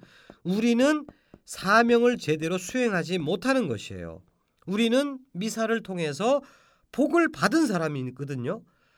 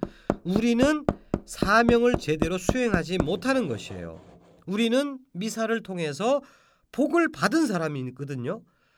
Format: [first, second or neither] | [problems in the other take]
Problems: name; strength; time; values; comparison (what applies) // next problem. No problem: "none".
first | machinery noise; loud; until 4.5 s; 5 dB below the speech; faint in the first